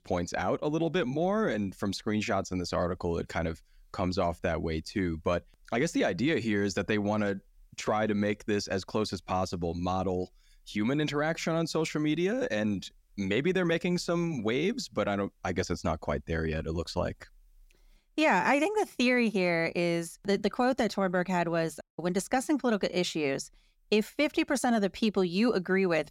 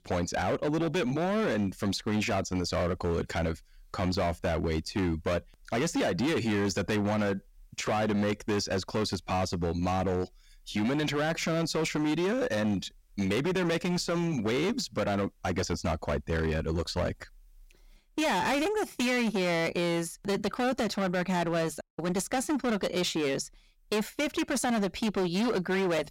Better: first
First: none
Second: distortion; heavy; 22% of the sound clipped

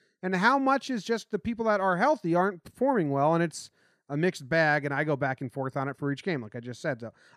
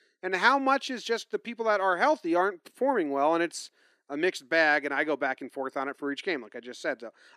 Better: first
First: none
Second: thin; very slightly; fading below 300 Hz

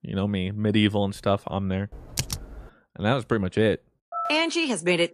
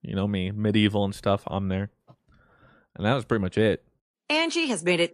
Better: second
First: keyboard typing; noticeable; at 2 s; peak 5 dB below the speech // phone ringing; noticeable; at 4 s; peak 6 dB below the speech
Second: none

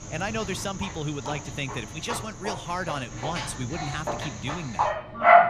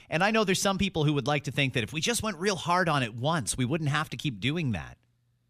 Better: second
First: animal sounds; very loud; throughout; 4 dB above the speech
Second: none

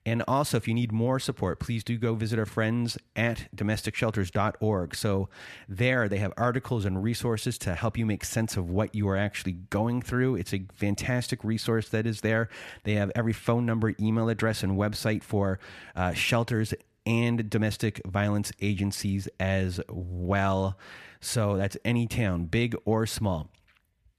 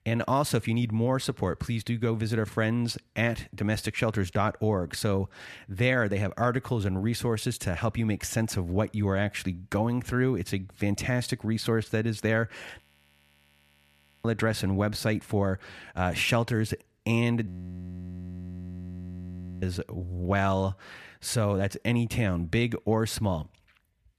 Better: first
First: none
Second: audio freezing; at 13 s for 1.5 s and at 17 s for 2 s

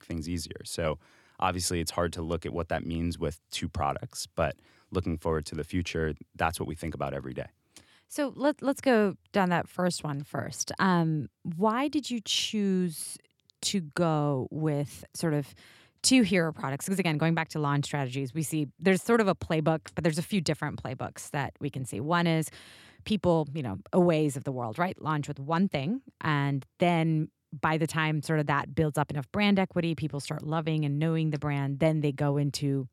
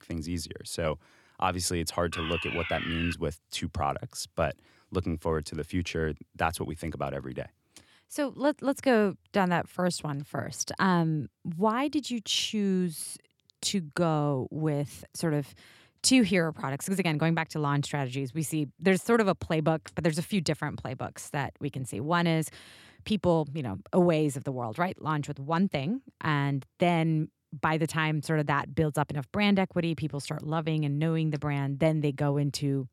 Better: first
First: none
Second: alarm; noticeable; from 2 to 3 s; peak 4 dB below the speech

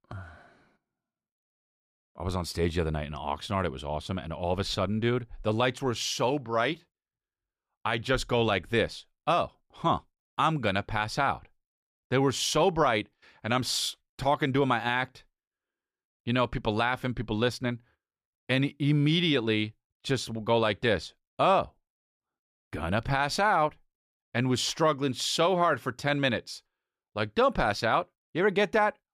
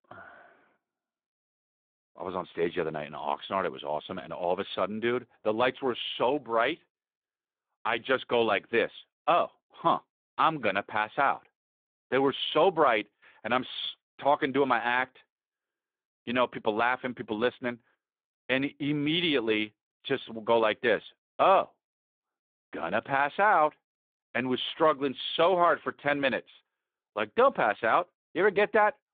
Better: first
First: none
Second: phone-call audio

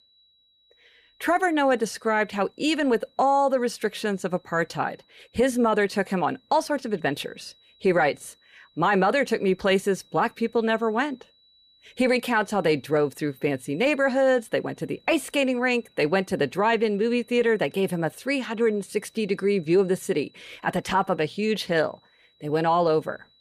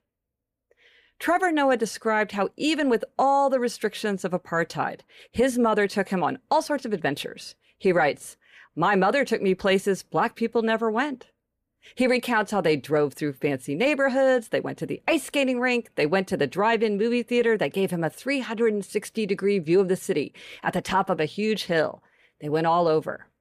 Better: second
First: high-pitched whine; faint; throughout; 4 kHz, 35 dB below the speech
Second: none

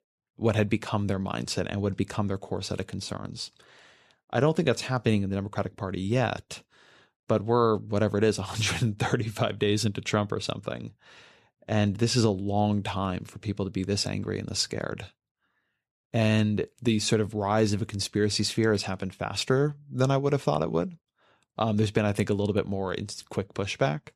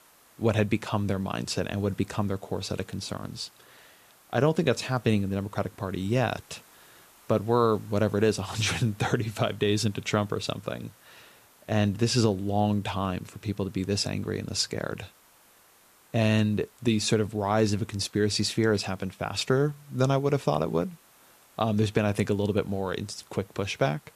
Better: first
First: none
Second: hiss; faint; throughout; 30 dB below the speech

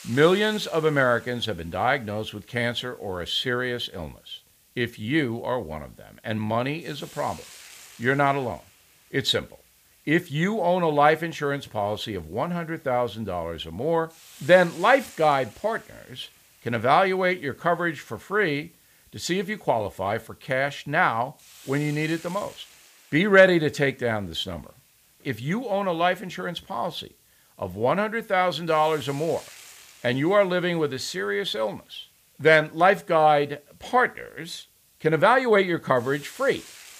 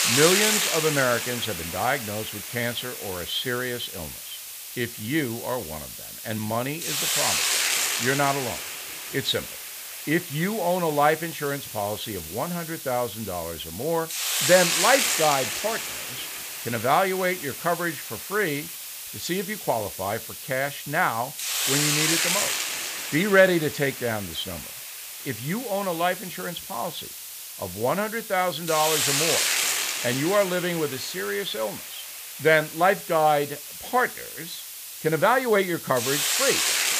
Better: first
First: hiss; faint; throughout; 25 dB below the speech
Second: hiss; loud; throughout; 2 dB below the speech

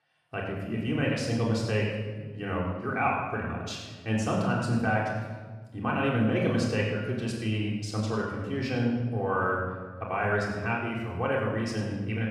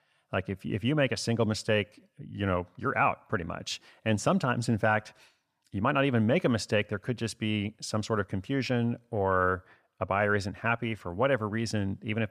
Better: second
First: off-mic speech; far // room echo; noticeable; dies away in 1.2 s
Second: none

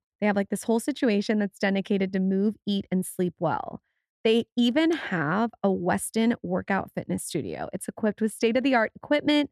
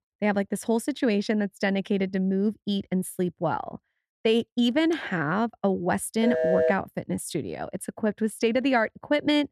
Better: first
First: none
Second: phone ringing; loud; at 6 s; peak 3 dB above the speech

